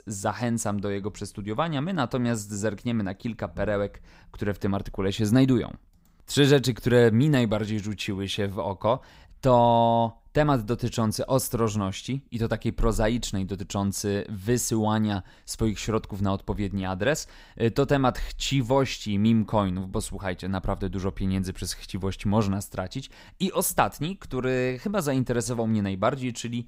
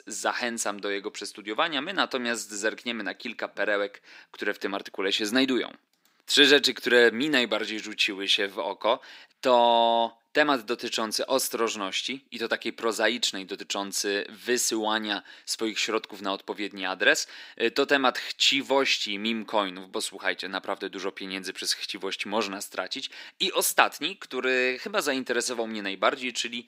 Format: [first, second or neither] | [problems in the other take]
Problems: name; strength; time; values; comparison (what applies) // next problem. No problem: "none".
first | thin; somewhat; fading below 300 Hz